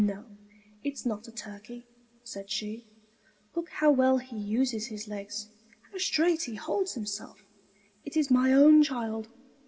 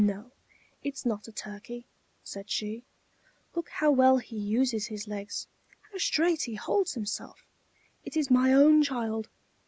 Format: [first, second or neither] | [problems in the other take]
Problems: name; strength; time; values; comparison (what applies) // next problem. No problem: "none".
second | room echo; dies away in 1 s